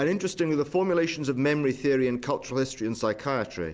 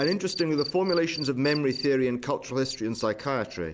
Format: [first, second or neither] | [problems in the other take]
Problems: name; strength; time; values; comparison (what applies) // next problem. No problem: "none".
first | noise reduction (neural mask model Resemble Enhance denoiser)